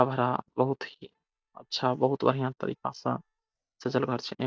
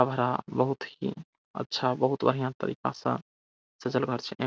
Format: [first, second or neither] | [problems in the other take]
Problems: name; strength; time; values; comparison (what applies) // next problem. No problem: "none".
second | noise reduction (neural mask model DeepFilterNet 3)